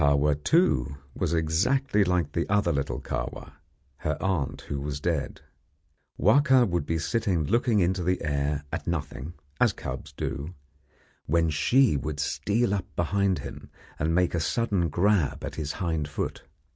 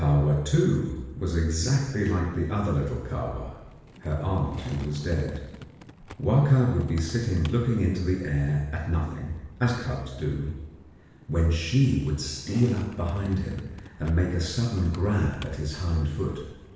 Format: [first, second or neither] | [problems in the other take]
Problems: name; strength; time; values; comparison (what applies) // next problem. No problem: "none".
first | background sound (Skateboard); 20 dB below the speech // room echo; dies away in 1 s